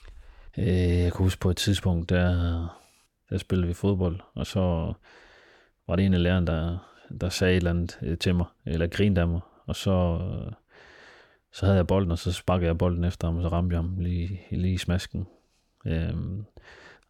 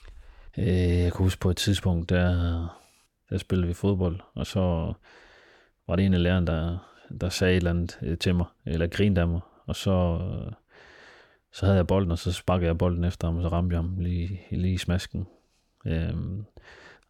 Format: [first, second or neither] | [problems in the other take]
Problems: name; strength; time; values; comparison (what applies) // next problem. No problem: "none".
neither | none